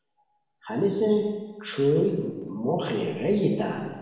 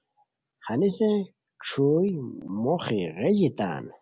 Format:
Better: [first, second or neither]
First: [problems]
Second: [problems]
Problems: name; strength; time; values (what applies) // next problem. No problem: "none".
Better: second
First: room echo; dies away in 1.2 s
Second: none